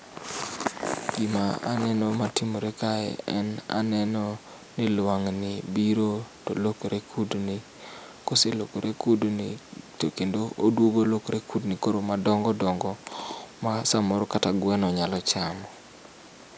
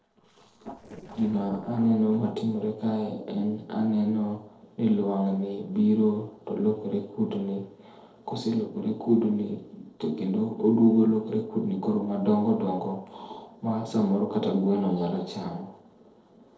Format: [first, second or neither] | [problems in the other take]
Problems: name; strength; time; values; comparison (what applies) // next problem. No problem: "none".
first | noise reduction (neural separator model SepFormer DNS4)